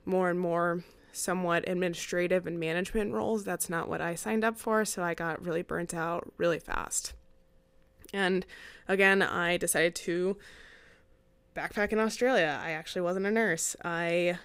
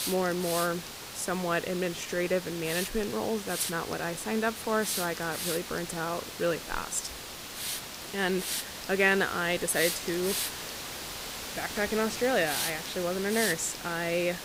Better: first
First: none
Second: hiss; loud; throughout; 5 dB below the speech

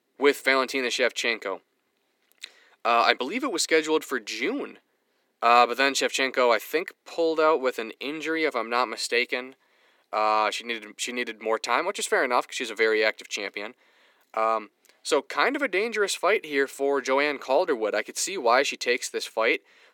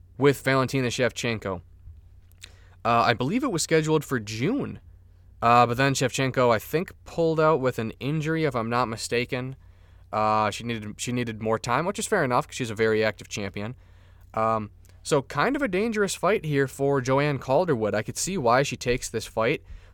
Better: second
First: thin; somewhat; fading below 300 Hz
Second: none

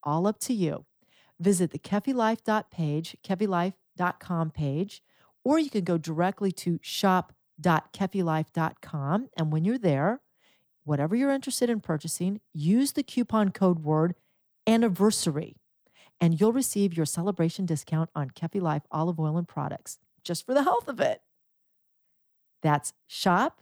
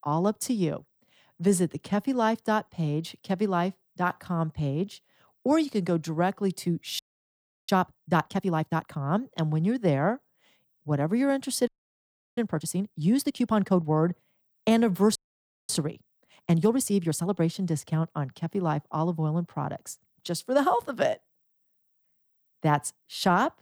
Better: first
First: none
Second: audio freezing; at 7 s for 0.5 s, at 12 s for 0.5 s and at 15 s for 0.5 s

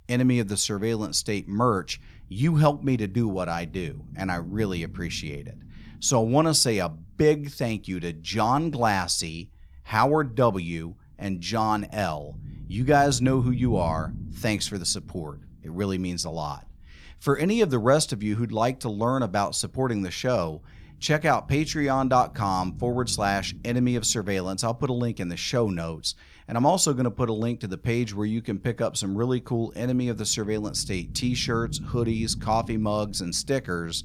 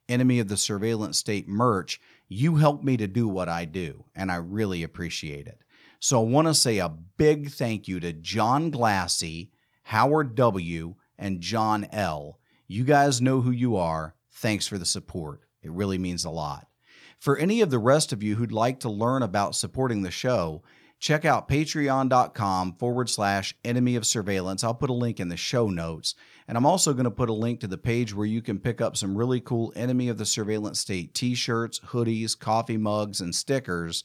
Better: second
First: low rumble; faint; throughout; 25 dB below the speech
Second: none

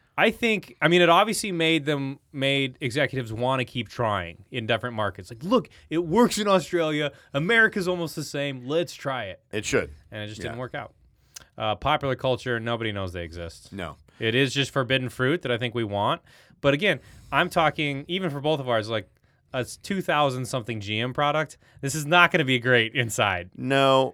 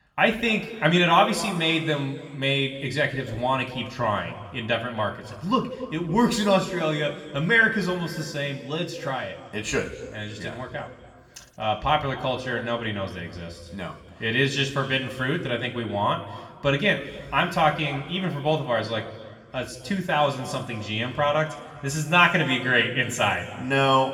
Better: first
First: none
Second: room echo; slight; dies away in 1.7 s // off-mic speech; somewhat distant

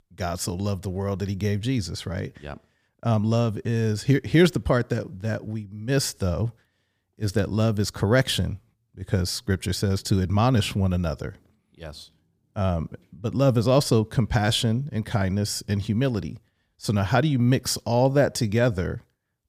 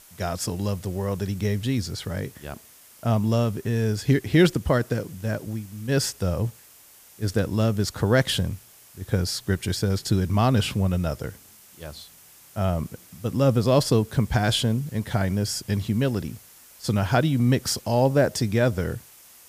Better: first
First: none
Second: hiss; faint; throughout; 25 dB below the speech

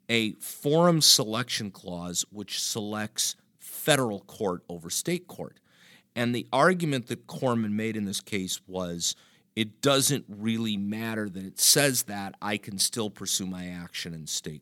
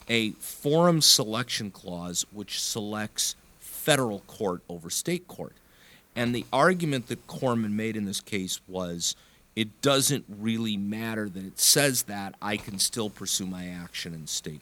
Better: first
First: none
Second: hiss; faint; throughout; 30 dB below the speech

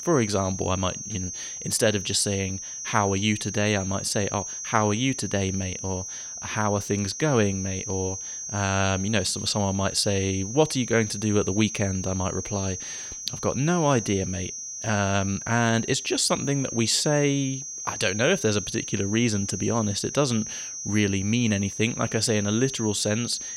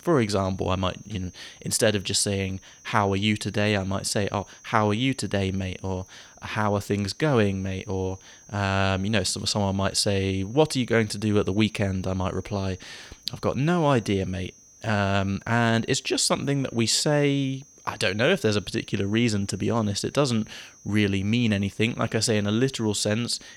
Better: second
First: high-pitched whine; loud; throughout; 6 kHz, 7 dB below the speech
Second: high-pitched whine; faint; throughout; 6 kHz, 25 dB below the speech

